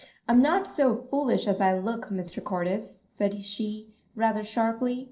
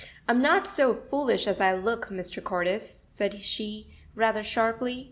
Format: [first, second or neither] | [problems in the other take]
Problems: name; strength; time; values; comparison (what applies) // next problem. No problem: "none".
second | noise reduction (neural separator model SepFormer DNS4)